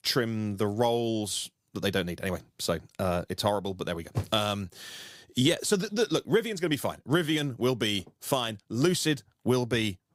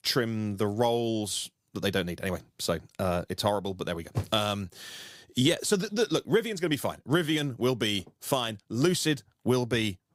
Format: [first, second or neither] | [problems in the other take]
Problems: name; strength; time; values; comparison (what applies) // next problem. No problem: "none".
neither | none